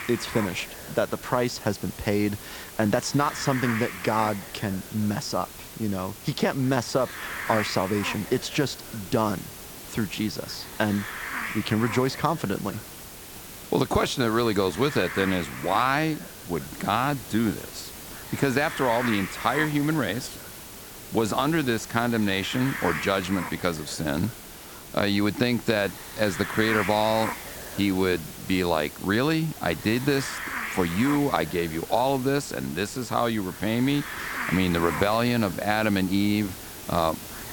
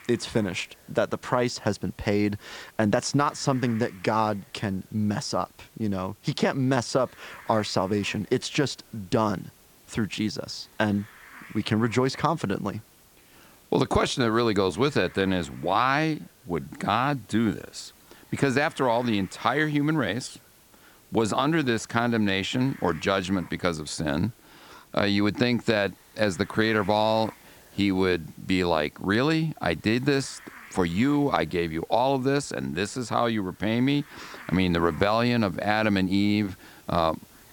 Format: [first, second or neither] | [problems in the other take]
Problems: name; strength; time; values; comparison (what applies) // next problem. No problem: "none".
second | hiss; loud; throughout; 10 dB below the speech; faint in the second